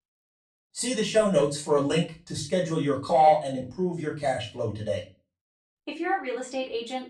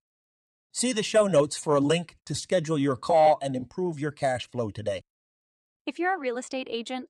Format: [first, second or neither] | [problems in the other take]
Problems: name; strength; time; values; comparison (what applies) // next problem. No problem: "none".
second | off-mic speech; far // room echo; slight; dies away in 0.3 s